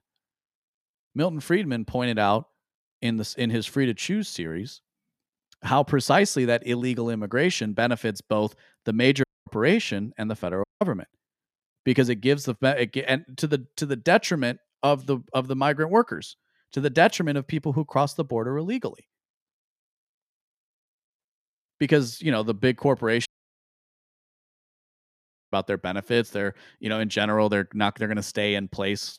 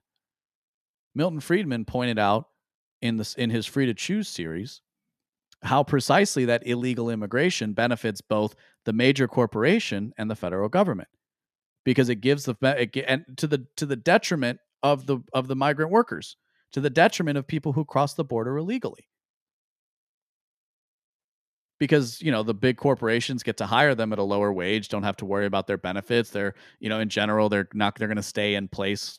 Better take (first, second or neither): second